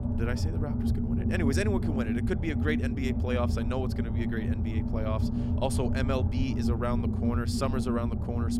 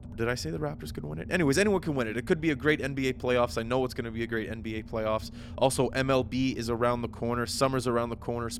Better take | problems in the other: second | low rumble; loud; throughout; 3 dB below the speech; faint in the second

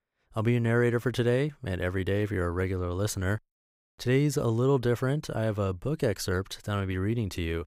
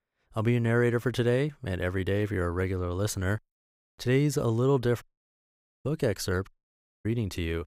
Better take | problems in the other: first | audio cutting out; at 5 s for 1 s and at 6.5 s for 0.5 s

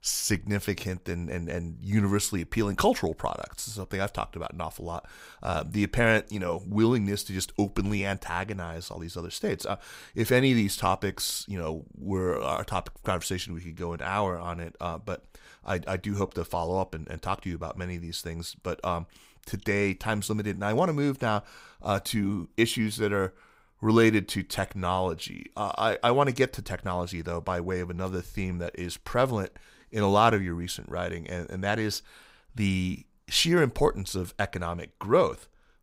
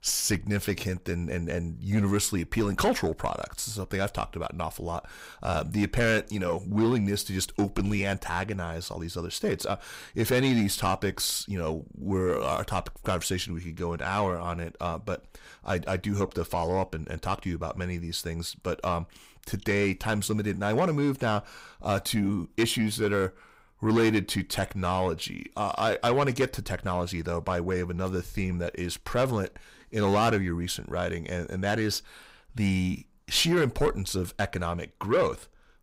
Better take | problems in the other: first | distortion; slight; 10 dB below the speech

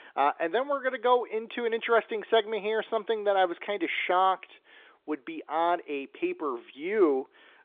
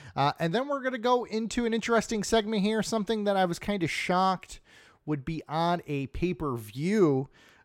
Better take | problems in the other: second | phone-call audio; nothing above 3.5 kHz

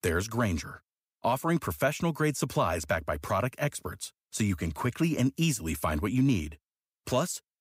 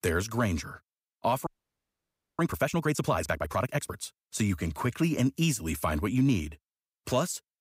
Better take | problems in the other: first | audio freezing; at 1.5 s for 1 s

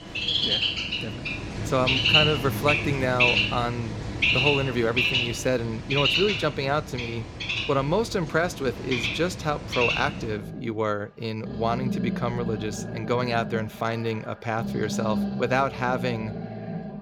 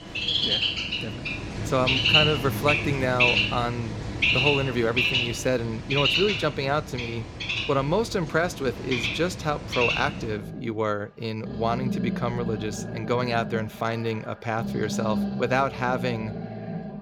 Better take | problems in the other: neither | animal sounds; very loud; throughout; 2 dB above the speech; the same in both

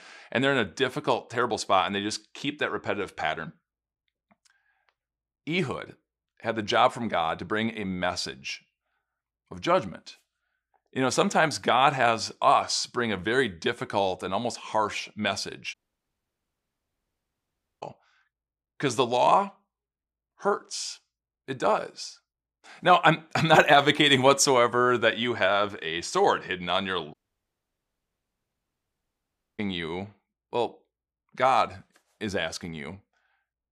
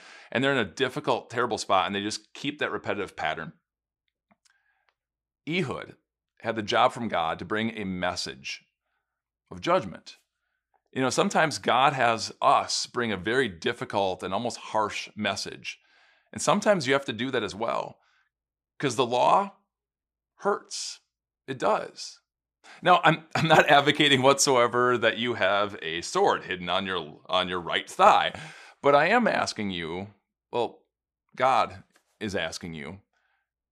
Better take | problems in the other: second | audio cutting out; at 16 s for 2 s and at 27 s for 2.5 s

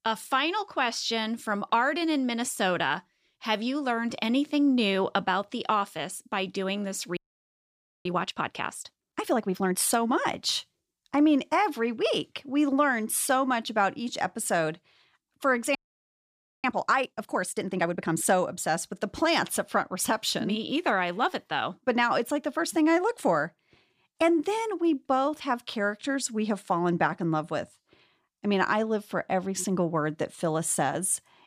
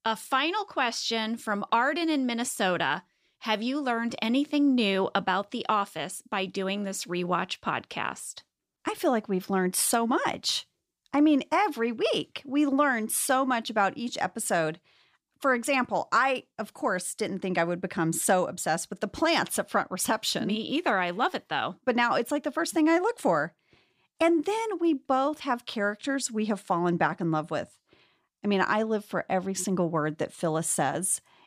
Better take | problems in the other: second | audio freezing; at 7 s for 1 s and at 16 s for 1 s

